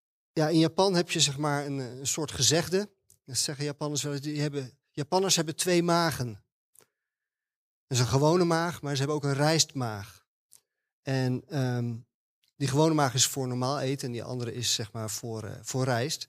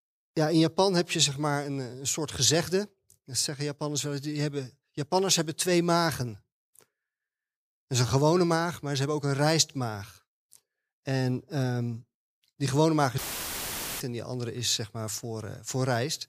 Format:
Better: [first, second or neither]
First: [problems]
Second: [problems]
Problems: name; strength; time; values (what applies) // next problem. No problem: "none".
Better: first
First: none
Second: audio cutting out; filled with static; at 13 s for 1 s